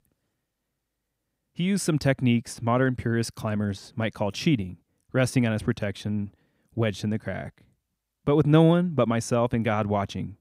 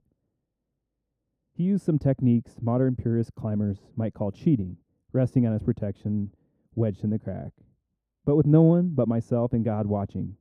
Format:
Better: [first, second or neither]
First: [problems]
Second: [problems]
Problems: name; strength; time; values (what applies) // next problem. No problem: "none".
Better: first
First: none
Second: muffled; very; fading above 1 kHz